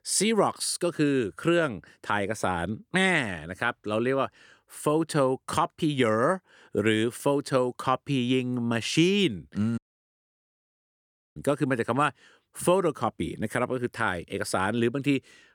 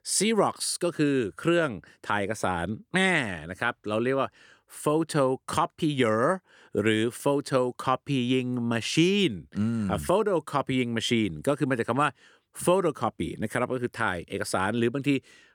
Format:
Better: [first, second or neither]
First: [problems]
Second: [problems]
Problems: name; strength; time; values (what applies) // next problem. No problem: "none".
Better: second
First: audio cutting out; at 10 s for 1.5 s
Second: none